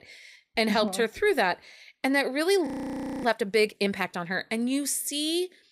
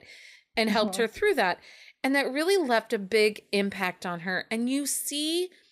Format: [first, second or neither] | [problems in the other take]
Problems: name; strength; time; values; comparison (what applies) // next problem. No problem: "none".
second | audio freezing; at 2.5 s for 0.5 s